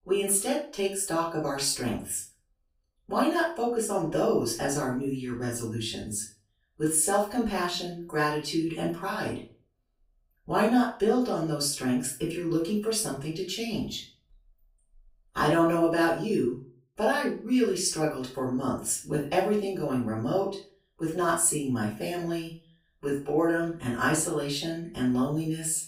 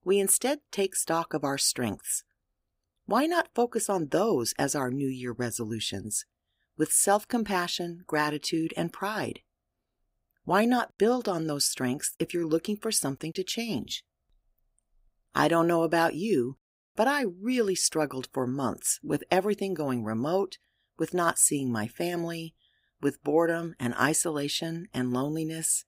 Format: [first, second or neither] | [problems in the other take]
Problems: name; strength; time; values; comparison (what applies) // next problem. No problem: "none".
second | room echo; slight; dies away in 0.3 s // off-mic speech; far